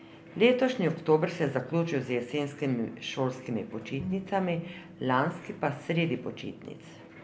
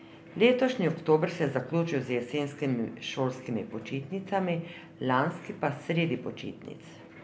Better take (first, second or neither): second